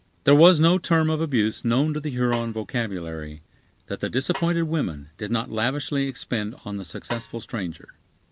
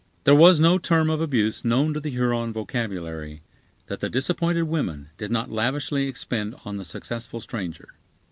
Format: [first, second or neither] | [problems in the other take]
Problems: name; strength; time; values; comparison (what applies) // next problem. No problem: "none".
second | background sound (Snare drum); 17 dB below the speech